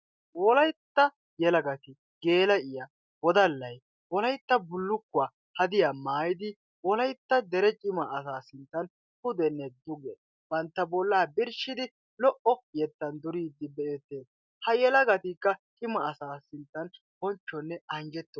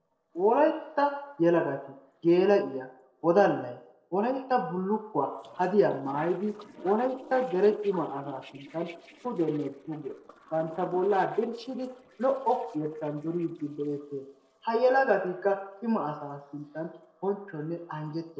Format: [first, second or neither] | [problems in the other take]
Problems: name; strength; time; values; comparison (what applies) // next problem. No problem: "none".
first | noise reduction (neural separator model SepFormer DNS4)